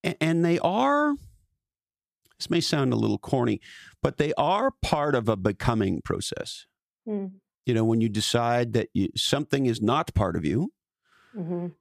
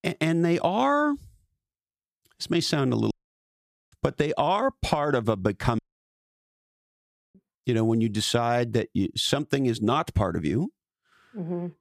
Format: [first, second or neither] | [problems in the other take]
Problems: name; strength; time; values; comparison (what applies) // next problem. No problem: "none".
first | audio cutting out; at 3 s for 1 s and at 6 s for 1.5 s